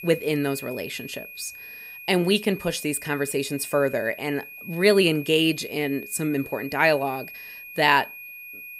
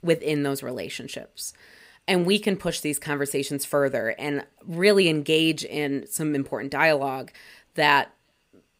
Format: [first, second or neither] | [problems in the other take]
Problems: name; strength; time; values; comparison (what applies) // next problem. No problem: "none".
second | high-pitched whine; noticeable; throughout; 2.5 kHz, 15 dB below the speech